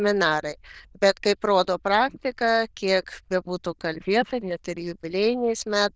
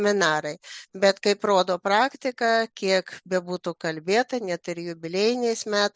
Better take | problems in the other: second | noise reduction (neural diffusion model UNIVERSE++)

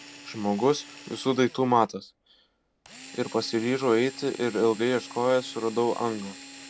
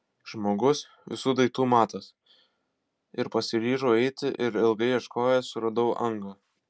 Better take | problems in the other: second | background sound (Drill); 18 dB below the speech

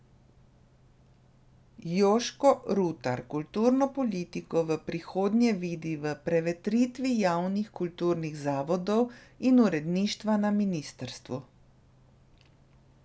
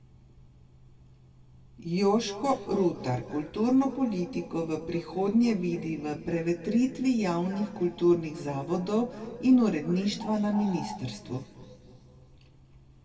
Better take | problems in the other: first | background sound (Bird); 12 dB below the speech // room echo; dies away in 2.5 s

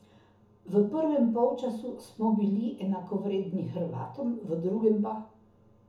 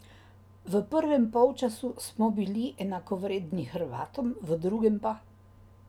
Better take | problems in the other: second | room echo; dies away in 0.7 s

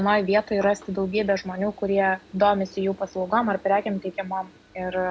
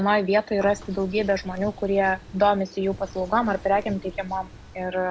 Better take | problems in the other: first | background sound (Bird); 18 dB below the speech

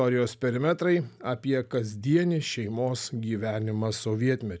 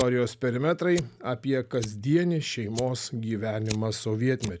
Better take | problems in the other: first | background sound (Fire); 17 dB below the speech

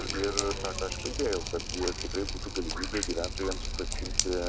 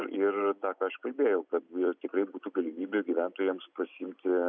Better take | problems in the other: second | background sound (Drip); 1 dB above the speech

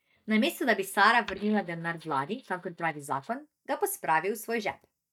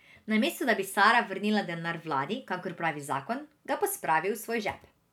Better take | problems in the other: second | noise reduction (neural mask model DeepFilterNet 3)

